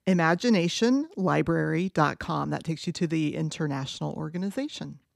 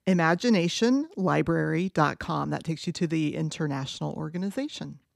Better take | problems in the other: neither | none

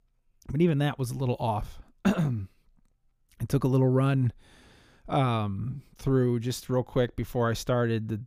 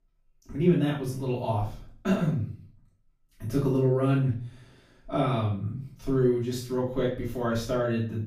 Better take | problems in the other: first | off-mic speech; far // room echo; noticeable; dies away in 0.4 s

